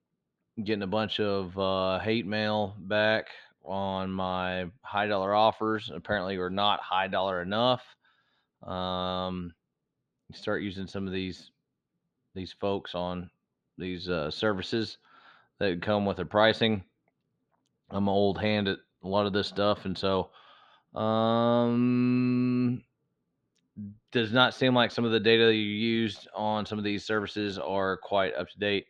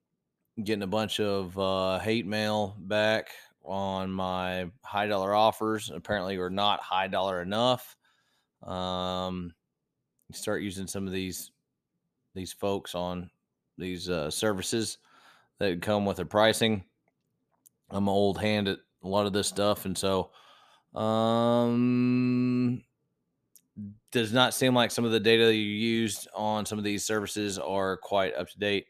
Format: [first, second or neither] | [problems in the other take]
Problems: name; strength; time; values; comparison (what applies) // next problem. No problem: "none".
second | muffled; very slightly; fading above 4 kHz